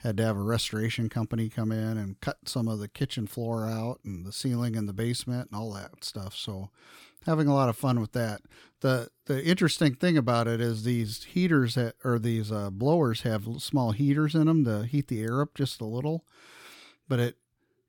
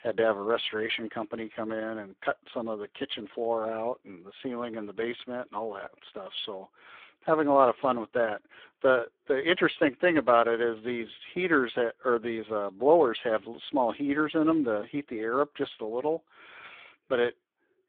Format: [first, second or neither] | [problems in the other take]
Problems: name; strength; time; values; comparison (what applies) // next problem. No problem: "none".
first | phone-call audio; poor line; nothing above 3.5 kHz